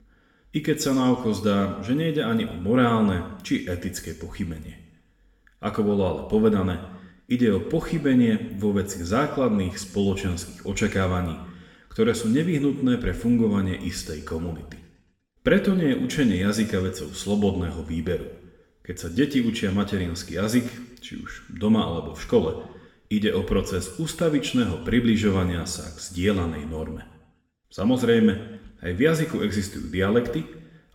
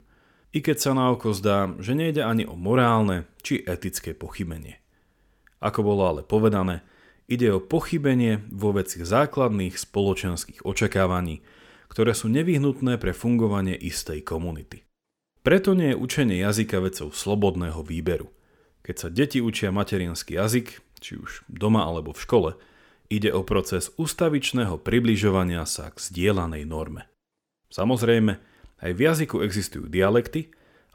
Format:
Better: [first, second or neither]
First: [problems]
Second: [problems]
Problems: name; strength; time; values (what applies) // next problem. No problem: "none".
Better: second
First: room echo; slight; dies away in 0.9 s // off-mic speech; somewhat distant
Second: none